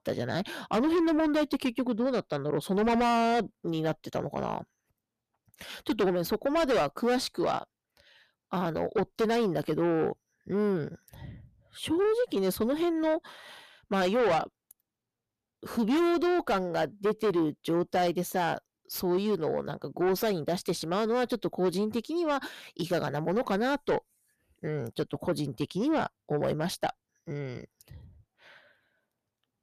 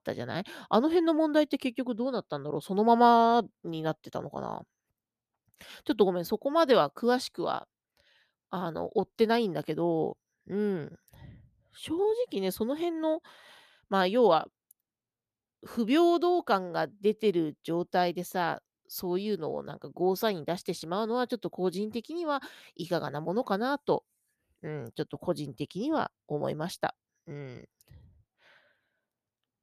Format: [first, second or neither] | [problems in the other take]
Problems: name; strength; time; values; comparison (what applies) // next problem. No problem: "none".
second | distortion; heavy; 6 dB below the speech